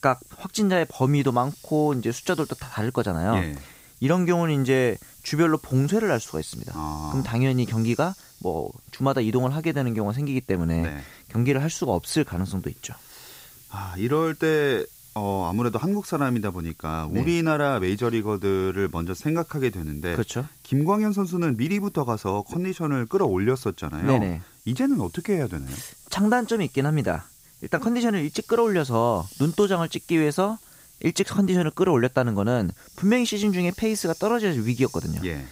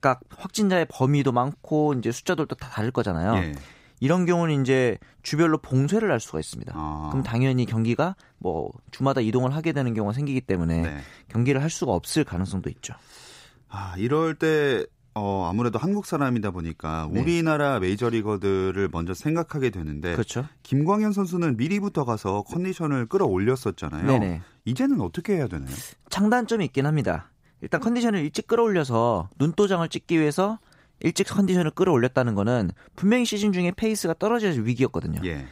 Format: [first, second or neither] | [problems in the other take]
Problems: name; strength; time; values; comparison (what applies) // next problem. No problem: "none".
second | hiss; faint; throughout; 20 dB below the speech